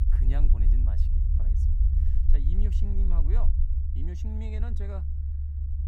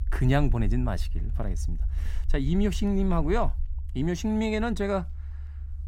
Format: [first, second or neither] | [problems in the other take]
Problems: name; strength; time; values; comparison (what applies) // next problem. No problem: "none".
second | low rumble; loud; throughout; 1 dB below the speech; faint in the second